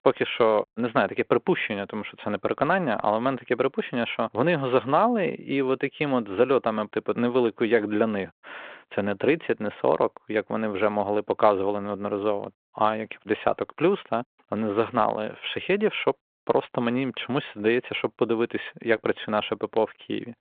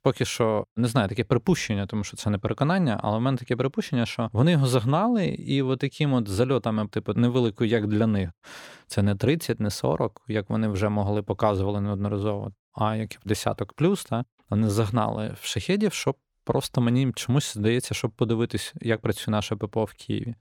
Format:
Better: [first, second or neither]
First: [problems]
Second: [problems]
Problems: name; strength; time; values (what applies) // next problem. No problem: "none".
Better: second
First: phone-call audio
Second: none